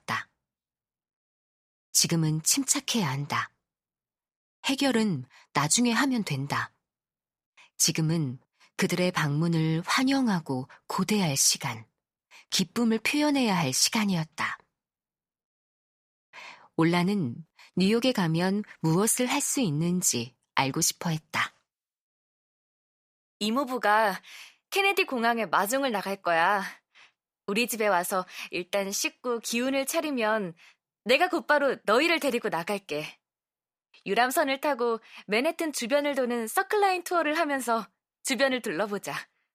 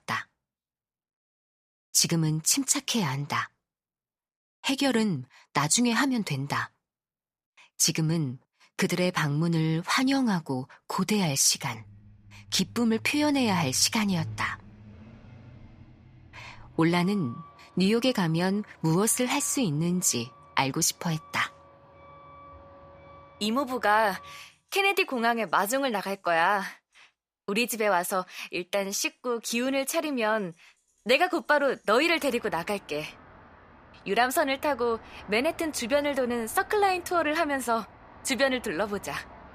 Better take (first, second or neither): first